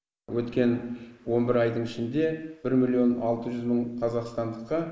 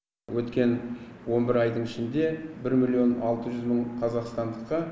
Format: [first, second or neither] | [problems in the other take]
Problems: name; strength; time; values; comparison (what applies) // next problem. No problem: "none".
second | noise reduction (neural mask model Resemble Enhance denoiser)